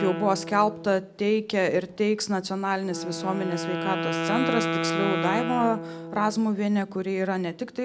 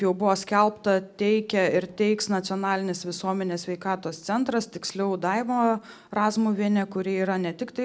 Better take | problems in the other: second | background sound (Wind instrument, woodwind instrument); 6 dB below the speech

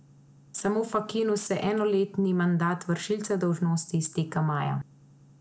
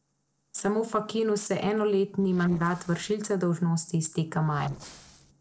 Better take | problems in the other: first | noise reduction (neural separator model SepFormer DNS4)

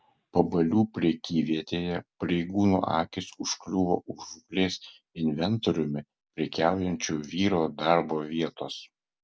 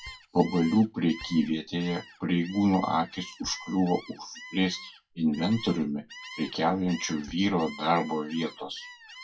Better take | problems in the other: first | noise reduction (classical method WPE with log-MMSE)

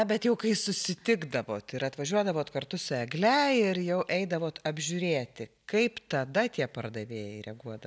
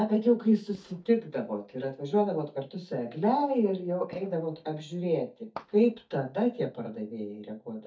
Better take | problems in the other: first | noise reduction (neural mask model DeepFilterNet 3)

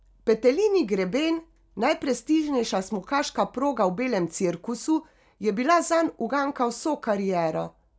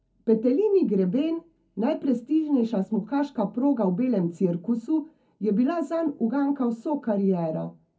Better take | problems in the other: first | room echo; dies away in 0.4 s

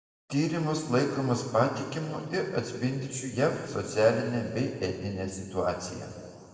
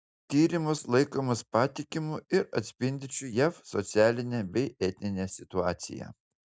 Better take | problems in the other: second | room echo; dies away in 2.1 s

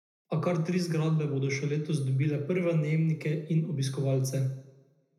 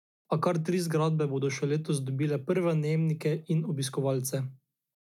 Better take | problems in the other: second | room echo; dies away in 0.7 s

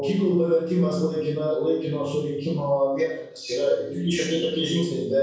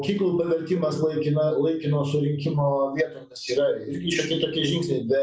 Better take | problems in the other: second | room echo; dies away in 0.6 s

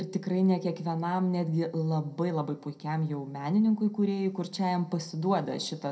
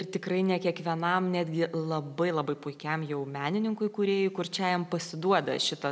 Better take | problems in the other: second | room echo; dies away in 0.2 s

